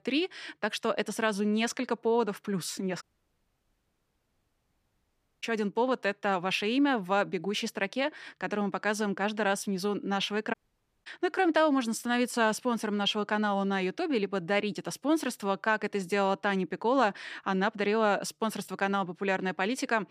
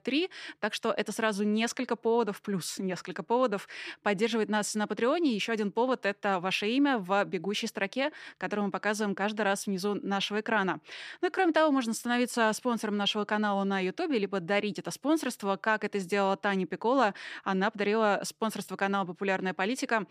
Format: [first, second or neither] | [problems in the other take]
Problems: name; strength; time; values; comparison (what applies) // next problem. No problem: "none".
second | audio cutting out; at 3 s for 2.5 s and at 11 s for 0.5 s